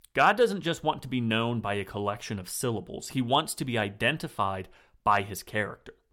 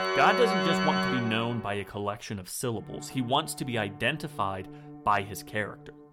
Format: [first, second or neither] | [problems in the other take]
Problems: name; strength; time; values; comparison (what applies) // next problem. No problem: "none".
first | background music; very loud; throughout; 2 dB above the speech